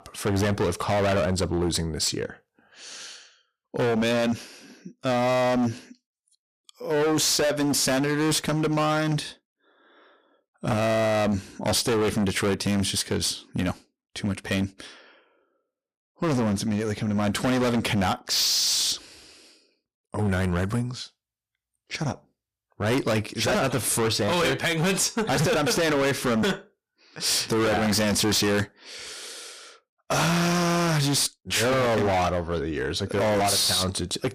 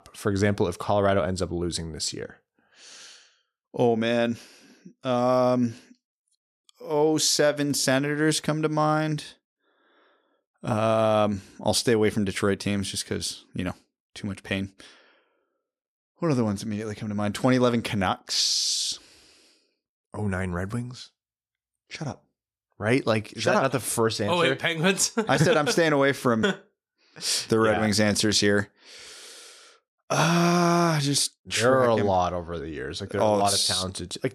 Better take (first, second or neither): second